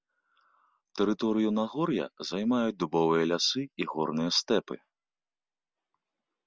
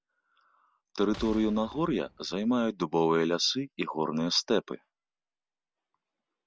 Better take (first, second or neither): first